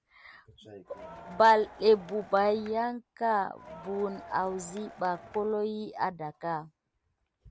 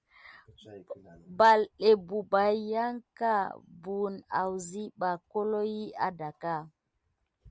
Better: second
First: background sound (Crowd); 18 dB below the speech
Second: none

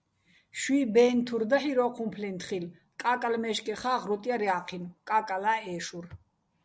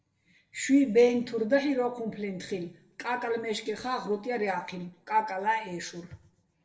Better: first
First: none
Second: room echo; dies away in 0.5 s

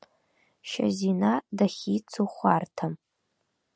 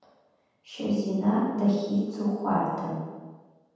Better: first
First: none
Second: room echo; dies away in 1.2 s

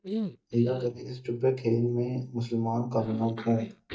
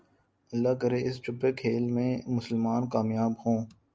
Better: second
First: noise reduction (neural mask model DeepFilterNet 3)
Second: none

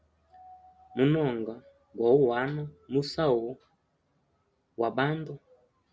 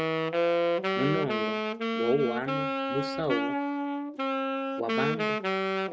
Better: first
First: none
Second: background sound (Wind instrument, woodwind instrument); 5 dB above the speech

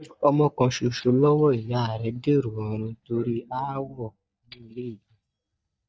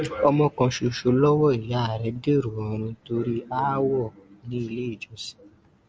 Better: second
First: noise reduction (neural mask model DeepFilterNet 3)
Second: none

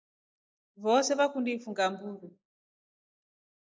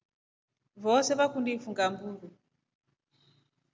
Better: second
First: noise reduction (neural mask model Resemble Enhance denoiser)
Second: none

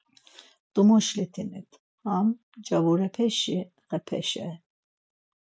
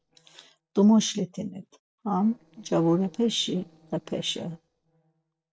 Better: first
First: none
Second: noise reduction (neural separator model SepFormer DNS4)

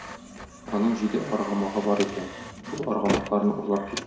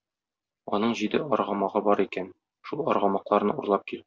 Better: second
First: background sound (Printer); 9 dB below the speech // room echo; dies away in 0.6 s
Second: none

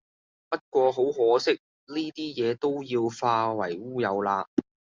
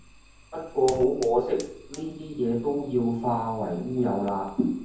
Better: first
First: none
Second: background sound (Fire); 19 dB below the speech // room echo; dies away in 0.9 s

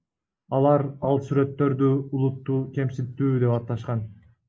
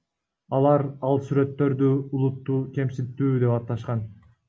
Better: second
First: noise reduction (neural mask model Resemble Enhance denoiser)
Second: none

